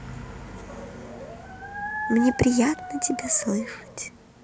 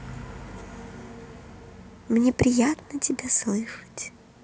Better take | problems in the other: second | background sound (Dog); 9 dB below the speech

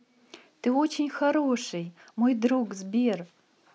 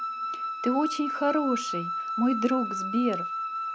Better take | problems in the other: first | background sound (Wind instrument, woodwind instrument); 3 dB below the speech

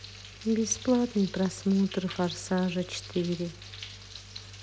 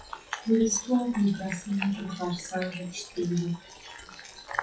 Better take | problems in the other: first | noise reduction (classical method WPE with log-MMSE)

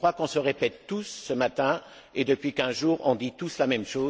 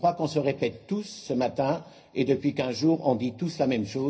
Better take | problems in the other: first | room echo; dies away in 0.4 s

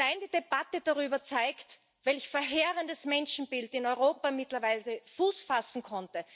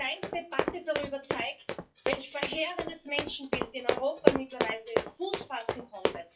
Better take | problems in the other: first | noise reduction (classical method WPE with log-MMSE)

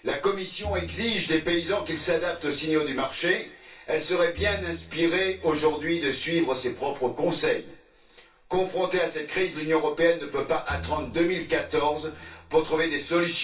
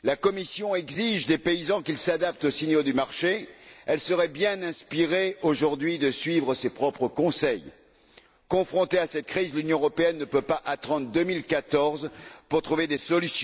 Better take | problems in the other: second | background sound (Bowed string instrument); 16 dB below the speech // room echo; dies away in 0.2 s

